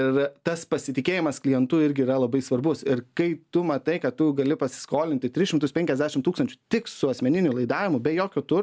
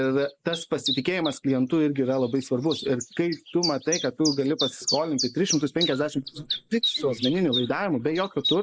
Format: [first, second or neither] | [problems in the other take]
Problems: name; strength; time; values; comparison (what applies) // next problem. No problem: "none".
first | noise reduction (neural mask model Resemble Enhance denoiser)